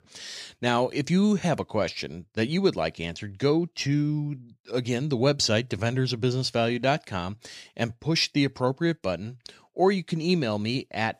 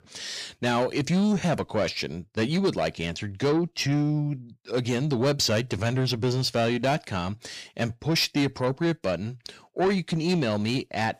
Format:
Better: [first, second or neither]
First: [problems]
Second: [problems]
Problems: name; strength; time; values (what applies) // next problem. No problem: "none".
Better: first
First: none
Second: distortion; slight; 10 dB below the speech